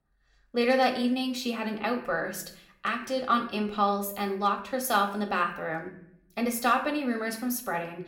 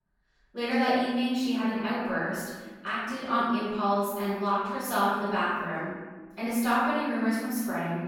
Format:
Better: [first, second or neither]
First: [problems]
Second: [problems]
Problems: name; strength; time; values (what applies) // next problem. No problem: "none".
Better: first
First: room echo; slight; dies away in 0.6 s // off-mic speech; somewhat distant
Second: room echo; strong; dies away in 1.3 s // off-mic speech; far